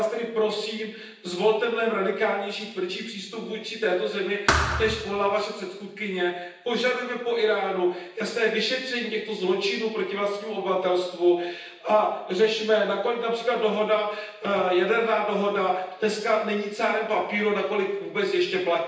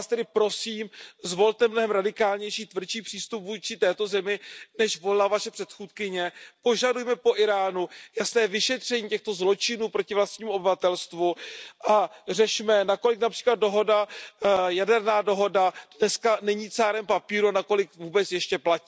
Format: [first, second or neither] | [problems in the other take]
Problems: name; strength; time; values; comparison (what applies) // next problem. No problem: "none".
second | background sound (Thump, thud); 2 dB below the speech // room echo; dies away in 0.9 s